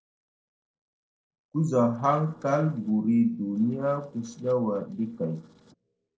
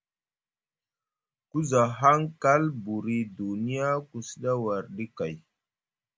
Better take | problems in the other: second | noise reduction (neural separator model SepFormer DNS4)

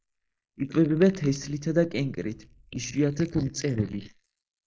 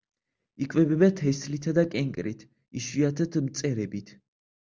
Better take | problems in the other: second | noise reduction (neural mask model Resemble Enhance denoiser)

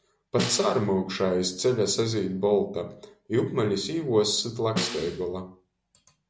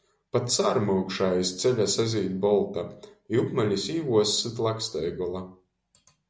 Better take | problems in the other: second | background sound (Snare drum); 8 dB below the speech

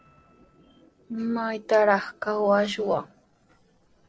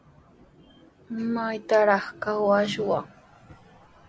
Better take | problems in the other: second | noise reduction (neural separator model SepFormer DNS4)

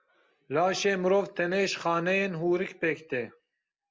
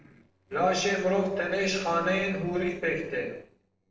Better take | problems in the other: first | noise reduction (neural separator model SepFormer DNS4)

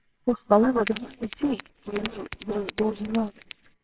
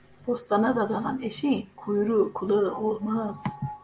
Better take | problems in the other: second | noise reduction (neural separator model SepFormer WHAMR!)

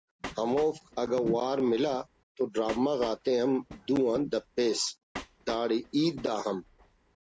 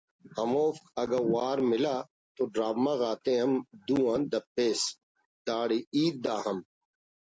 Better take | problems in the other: second | background sound (Train); 17 dB below the speech

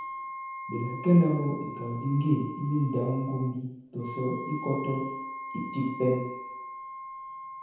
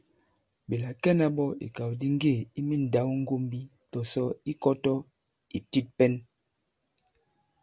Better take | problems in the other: second | background sound (Wind instrument, woodwind instrument); 10 dB below the speech // room echo; dies away in 0.9 s

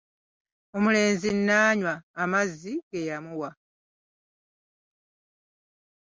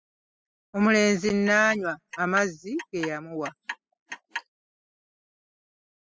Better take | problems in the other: first | noise reduction (classical method spectral subtraction)

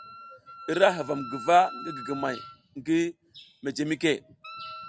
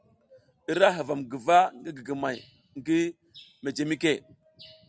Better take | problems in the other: second | background sound (Wind instrument, woodwind instrument); 15 dB below the speech

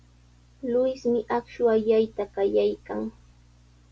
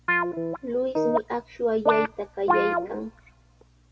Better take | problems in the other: first | background sound (Guitar); 1 dB above the speech

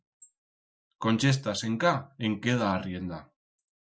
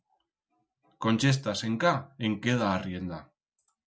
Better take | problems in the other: second | noise reduction (neural mask model Resemble Enhance denoiser)

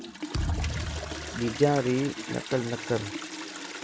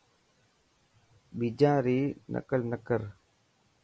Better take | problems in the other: second | background sound (Toilet flush + Thump, thud); 4 dB below the speech

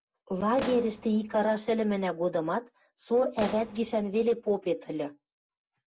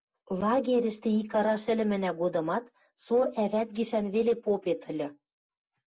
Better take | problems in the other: second | background sound (Explosion); 13 dB below the speech

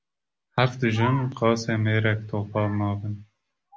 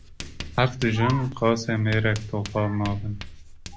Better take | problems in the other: first | background sound (Writing); 13 dB below the speech

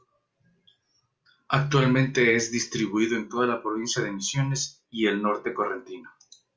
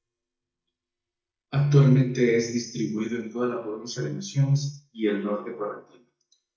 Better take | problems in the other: first | noise reduction (neural mask model DeepFilterNet 3)

